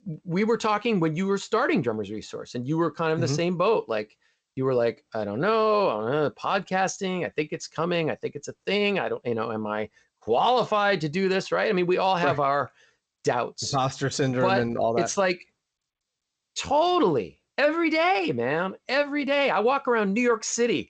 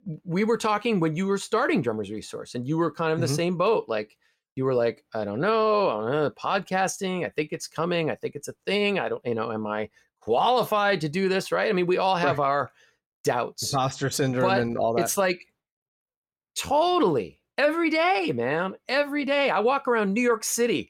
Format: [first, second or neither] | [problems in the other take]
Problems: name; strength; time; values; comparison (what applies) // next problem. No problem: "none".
second | garbled, watery; slightly; nothing above 7.5 kHz